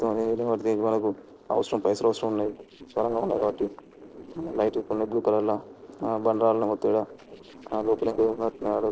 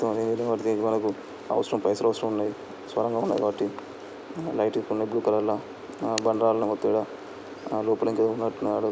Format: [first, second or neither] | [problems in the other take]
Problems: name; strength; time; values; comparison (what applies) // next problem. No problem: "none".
second | noise reduction (neural separator model SepFormer DNS4)